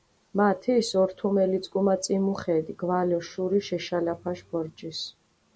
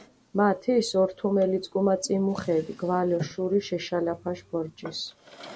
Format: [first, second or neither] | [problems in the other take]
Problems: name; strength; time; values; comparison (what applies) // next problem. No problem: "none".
first | background sound (Drawer open or close); 19 dB below the speech